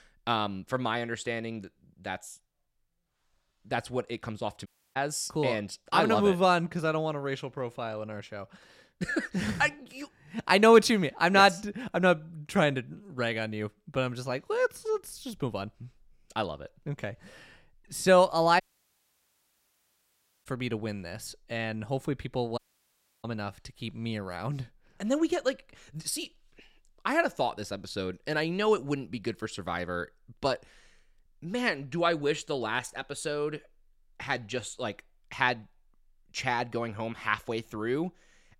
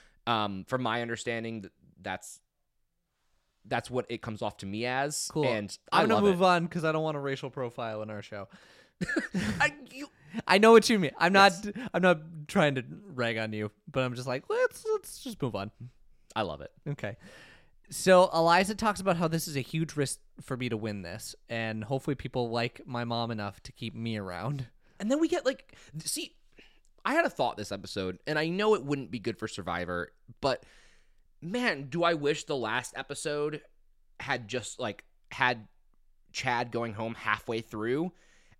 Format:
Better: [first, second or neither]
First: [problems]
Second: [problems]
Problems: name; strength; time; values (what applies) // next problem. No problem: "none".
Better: second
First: audio cutting out; at 4.5 s, at 19 s for 2 s and at 23 s for 0.5 s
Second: none